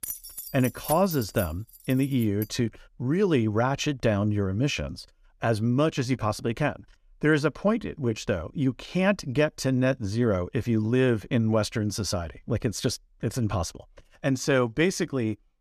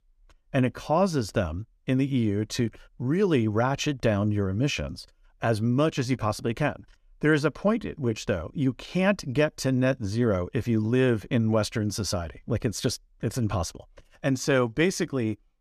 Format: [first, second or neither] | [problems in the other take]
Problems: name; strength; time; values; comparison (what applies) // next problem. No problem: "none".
second | jangling keys; noticeable; until 2.5 s; peak 8 dB below the speech